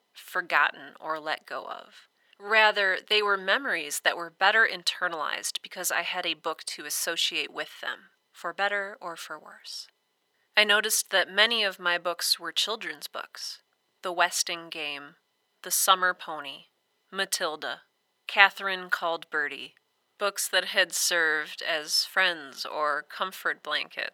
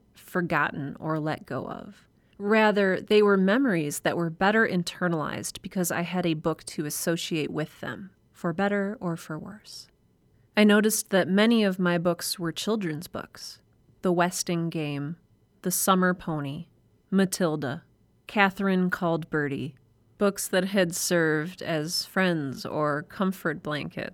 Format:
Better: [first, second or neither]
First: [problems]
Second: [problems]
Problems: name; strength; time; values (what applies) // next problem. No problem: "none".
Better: second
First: thin; very; fading below 800 Hz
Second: none